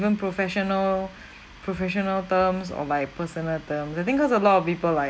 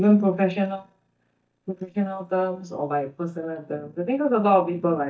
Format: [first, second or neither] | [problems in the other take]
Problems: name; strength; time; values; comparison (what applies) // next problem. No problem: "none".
first | noise reduction (neural mask model DeepFilterNet 3)